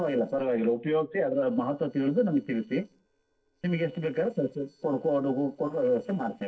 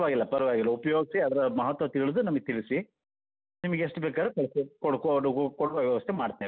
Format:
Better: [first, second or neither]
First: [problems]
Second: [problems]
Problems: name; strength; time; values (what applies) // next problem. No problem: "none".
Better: second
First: noise reduction (neural separator model SepFormer DNS4)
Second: none